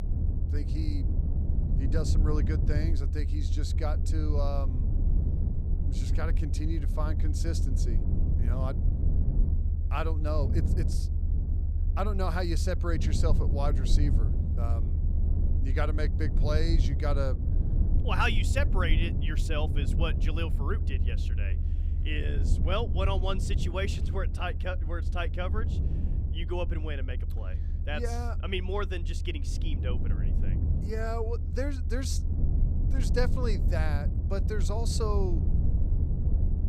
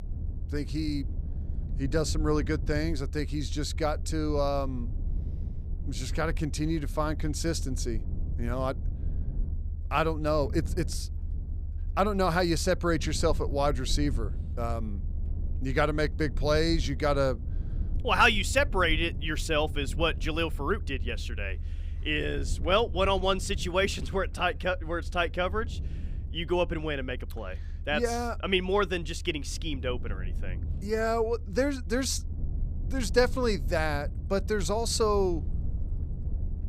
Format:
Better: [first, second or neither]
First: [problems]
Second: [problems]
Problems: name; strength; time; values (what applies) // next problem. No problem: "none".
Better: second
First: low rumble; loud; throughout; 9 dB below the speech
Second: low rumble; faint; throughout; 20 dB below the speech